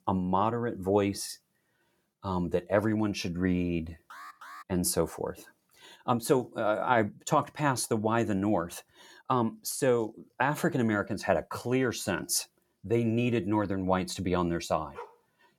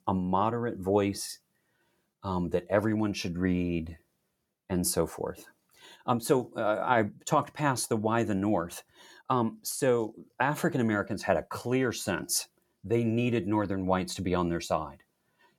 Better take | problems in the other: second | alarm; faint; at 4 s; peak 15 dB below the speech // dog barking; faint; at 15 s; peak 15 dB below the speech

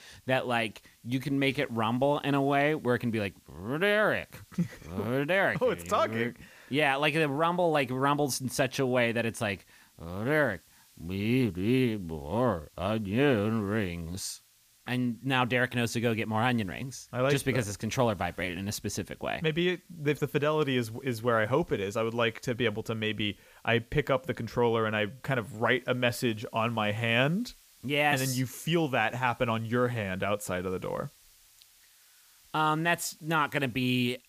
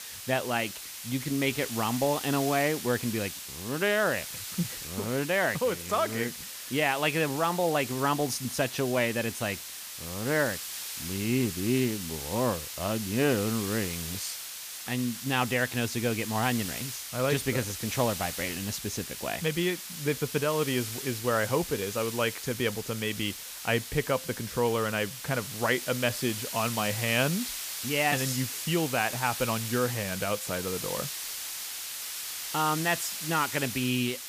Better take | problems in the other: first | hiss; loud; throughout; 6 dB below the speech; faint in the first

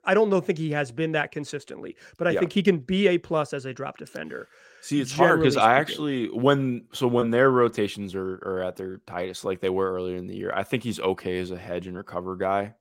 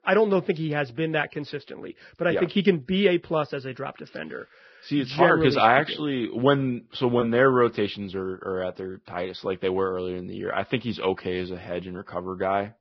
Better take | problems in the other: first | garbled, watery; badly; nothing above 5.5 kHz

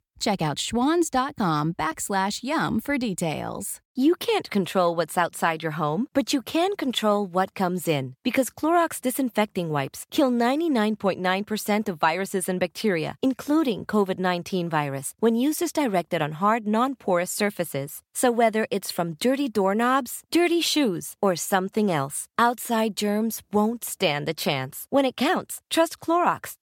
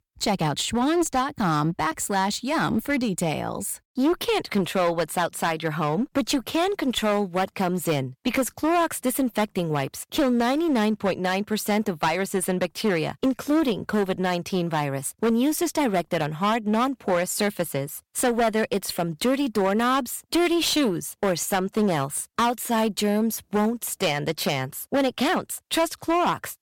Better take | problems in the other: first | distortion; slight; 12% of the sound clipped

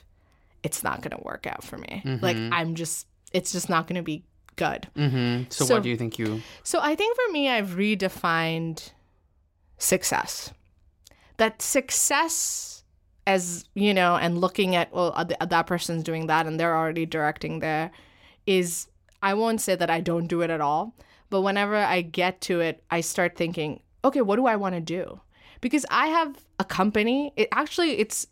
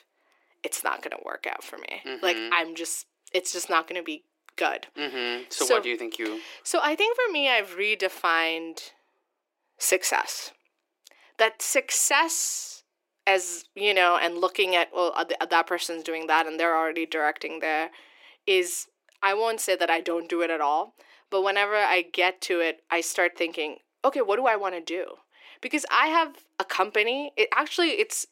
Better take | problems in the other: first | thin; very; fading below 350 Hz

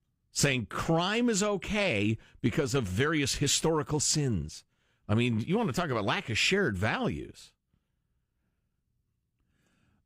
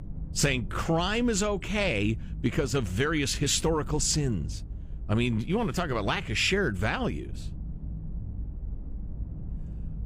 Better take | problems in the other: first | low rumble; faint; throughout; 25 dB below the speech

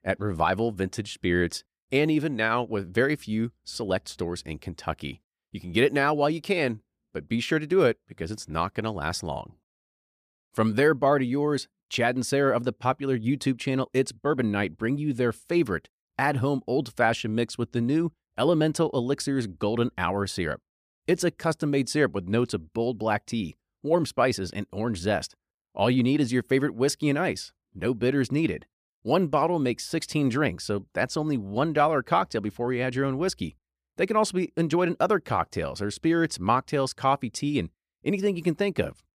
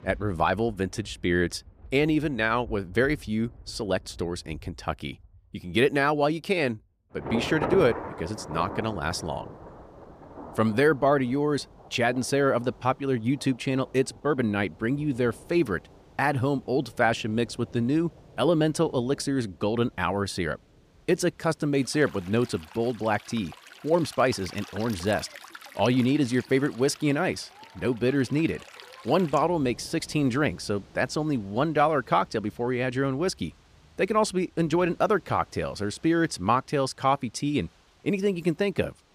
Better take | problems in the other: first | rain or running water; noticeable; throughout; 15 dB below the speech

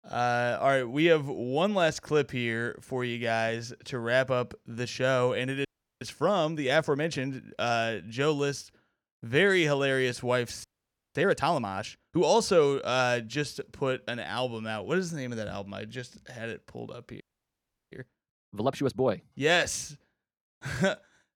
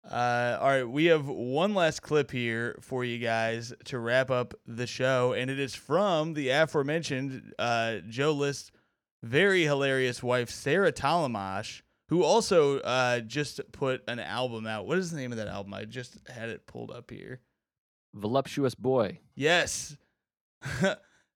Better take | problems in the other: second | audio freezing; at 5.5 s, at 11 s for 0.5 s and at 17 s for 0.5 s

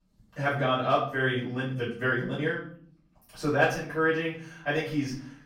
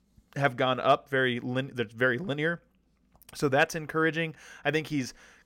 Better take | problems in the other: second | off-mic speech; far // room echo; noticeable; dies away in 0.5 s

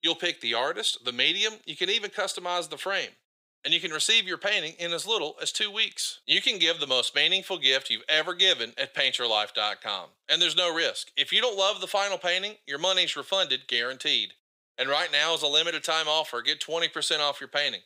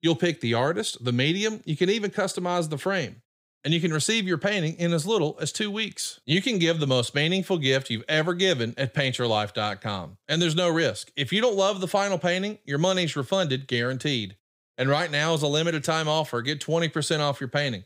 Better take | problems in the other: second | thin; very; fading below 550 Hz

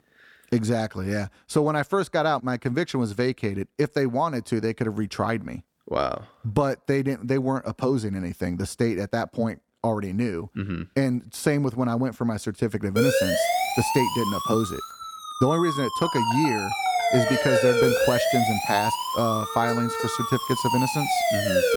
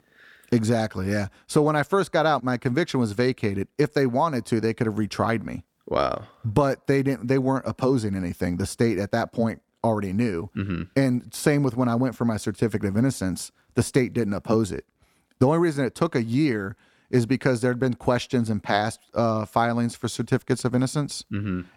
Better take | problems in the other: second | siren; loud; from 13 s on; peak 6 dB above the speech

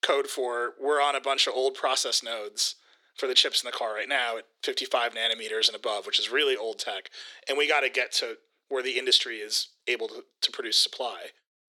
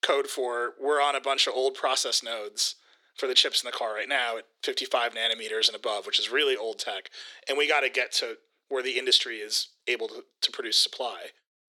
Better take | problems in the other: neither | thin; very; fading below 350 Hz; the same in both

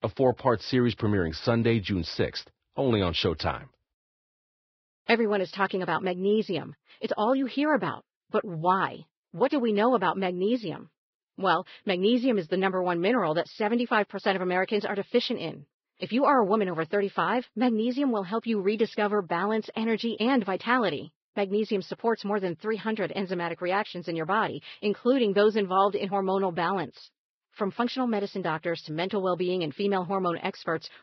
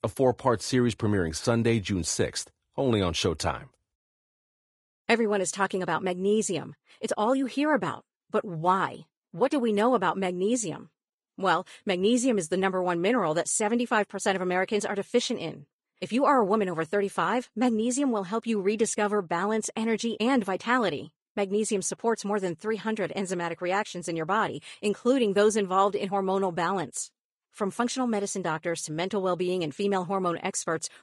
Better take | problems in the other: second | garbled, watery; badly; nothing above 5.5 kHz; slightly in the second

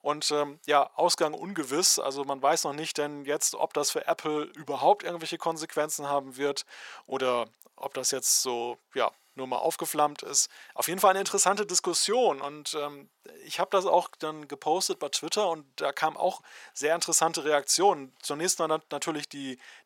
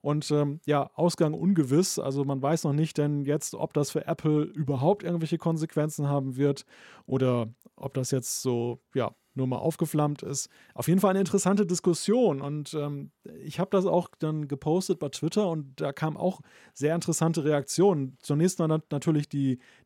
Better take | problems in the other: second | thin; very; fading below 700 Hz

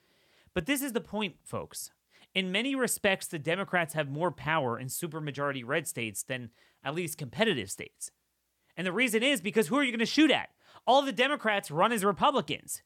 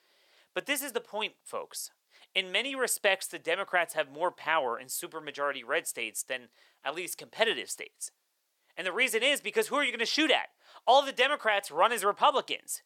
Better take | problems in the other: first | thin; somewhat; fading below 550 Hz

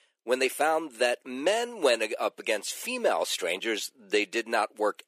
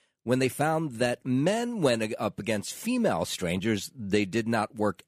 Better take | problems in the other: second | thin; very; fading below 350 Hz

